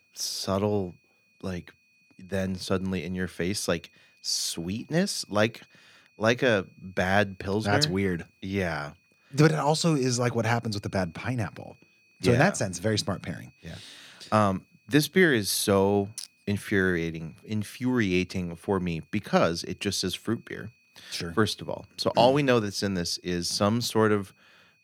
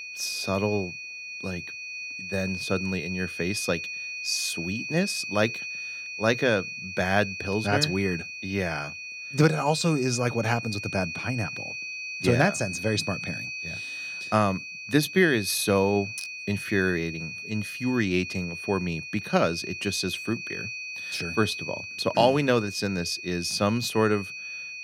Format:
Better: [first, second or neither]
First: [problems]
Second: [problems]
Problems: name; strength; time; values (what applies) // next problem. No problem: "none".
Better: first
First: high-pitched whine; faint; throughout; 2.5 kHz, 35 dB below the speech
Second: high-pitched whine; loud; throughout; 2.5 kHz, 7 dB below the speech